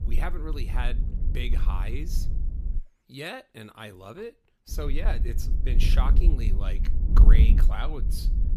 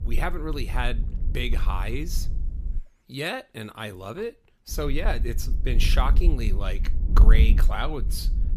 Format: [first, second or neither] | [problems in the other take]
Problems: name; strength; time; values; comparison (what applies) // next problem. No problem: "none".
second | wind noise on the microphone; heavy; until 3 s and from 4.5 s on; 7 dB below the speech; occasional gusts in the second